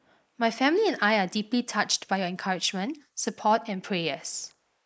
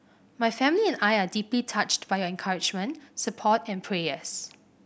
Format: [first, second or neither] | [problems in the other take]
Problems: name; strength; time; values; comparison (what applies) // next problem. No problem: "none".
second | noise reduction (neural mask model Resemble Enhance denoiser)